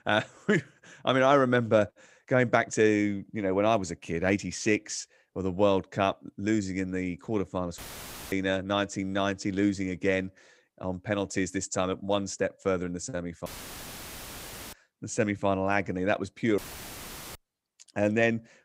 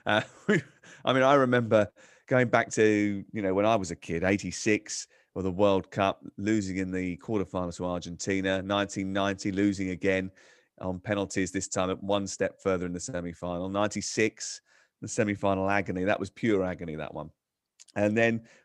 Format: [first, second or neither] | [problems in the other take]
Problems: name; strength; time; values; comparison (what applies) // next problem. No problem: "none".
second | audio cutting out; filled with static; at 8 s for 0.5 s, at 13 s for 1.5 s and at 17 s for 1 s